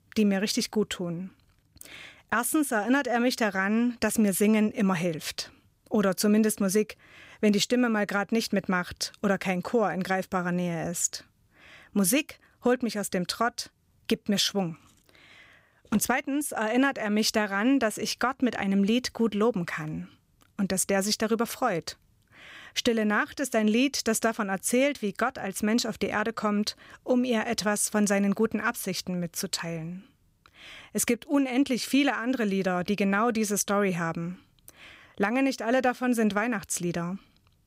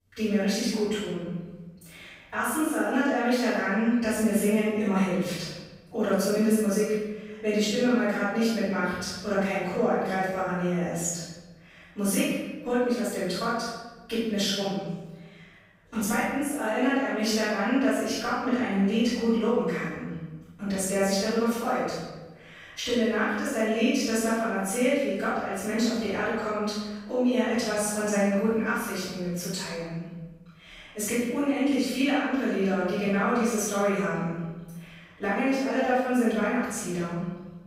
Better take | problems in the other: first | off-mic speech; far // room echo; strong; dies away in 1.1 s

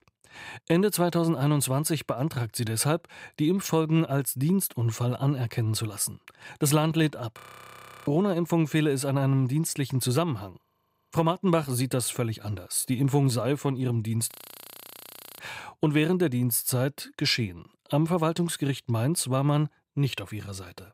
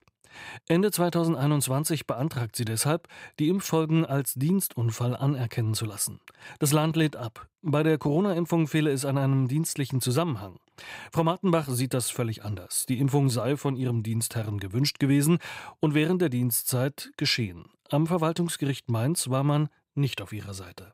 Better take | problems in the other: second | audio freezing; at 7.5 s for 0.5 s, at 11 s and at 14 s for 1 s

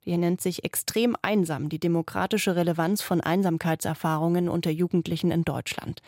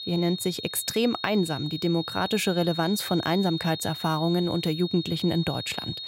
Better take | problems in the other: first | high-pitched whine; loud; throughout; 3.5 kHz, 8 dB below the speech

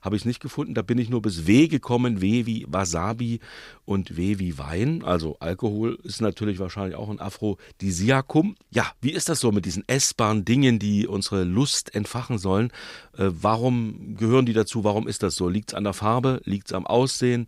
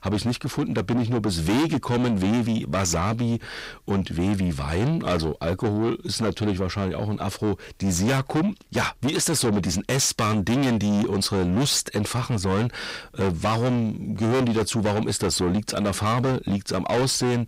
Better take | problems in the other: first | distortion; heavy; 6 dB below the speech

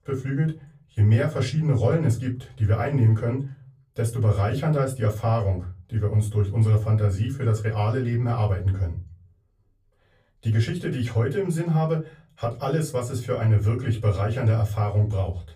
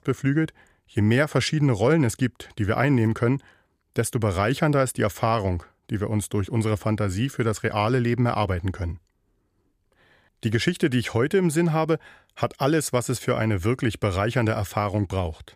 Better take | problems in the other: second | off-mic speech; far // room echo; very slight; dies away in 0.4 s

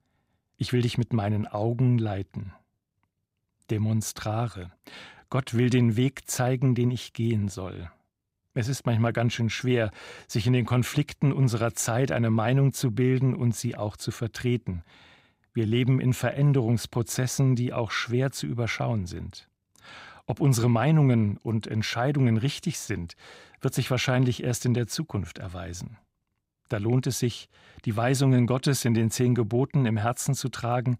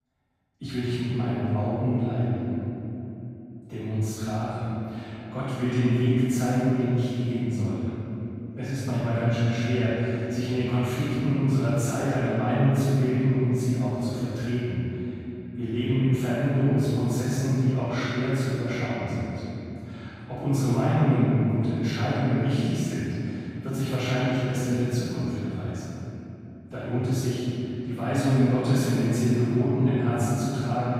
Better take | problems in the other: first | off-mic speech; far // room echo; strong; dies away in 3 s

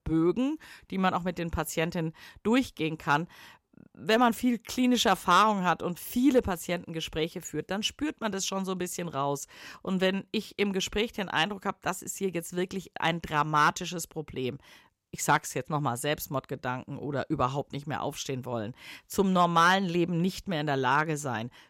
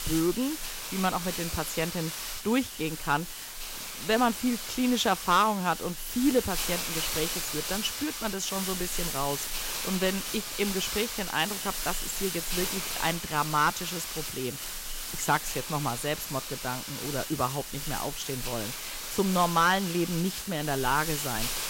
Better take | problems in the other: first | hiss; loud; throughout; 4 dB below the speech

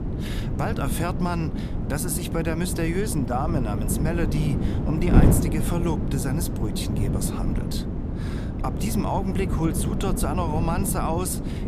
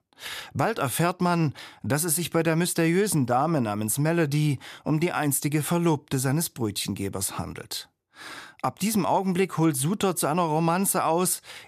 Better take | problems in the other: second | wind noise on the microphone; heavy; 4 dB below the speech

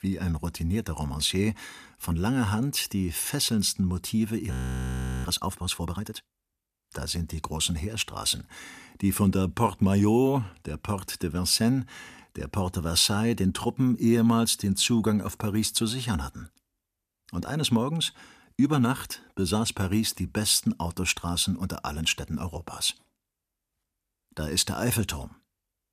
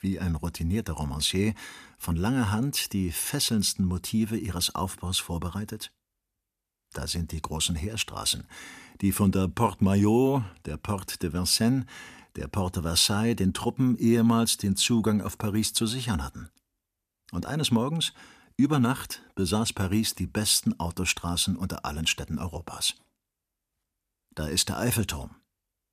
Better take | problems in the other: second | audio freezing; at 4.5 s for 0.5 s

